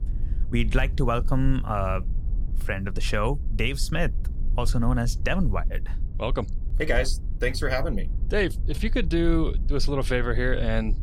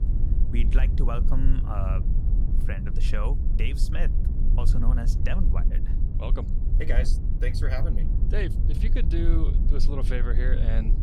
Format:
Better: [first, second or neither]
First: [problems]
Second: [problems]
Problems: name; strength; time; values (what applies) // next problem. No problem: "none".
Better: first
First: low rumble; faint; throughout; 20 dB below the speech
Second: low rumble; loud; throughout; 6 dB below the speech